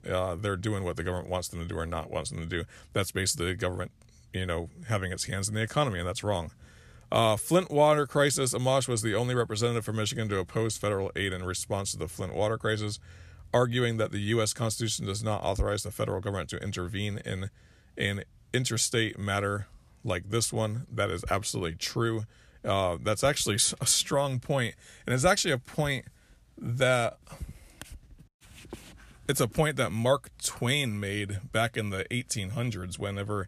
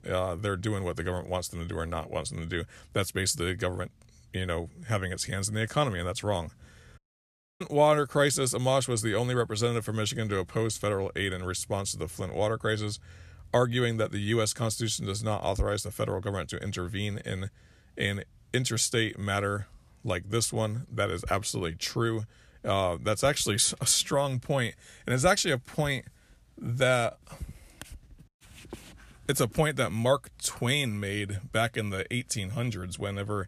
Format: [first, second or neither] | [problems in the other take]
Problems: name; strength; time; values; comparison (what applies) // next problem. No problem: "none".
first | audio cutting out; at 7 s for 0.5 s